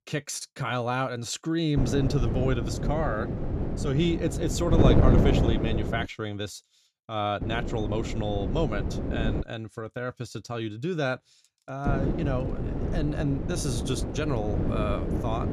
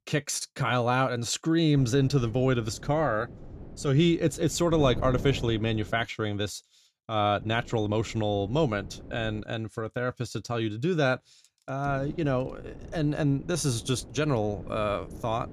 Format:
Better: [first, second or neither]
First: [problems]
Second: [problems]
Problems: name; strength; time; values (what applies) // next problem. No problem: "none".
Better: second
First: wind noise on the microphone; heavy; from 2 to 6 s, from 7.5 to 9.5 s and from 12 s on; 3 dB below the speech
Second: wind noise on the microphone; occasional gusts; from 2 to 6 s, from 7.5 to 9.5 s and from 12 s on; 20 dB below the speech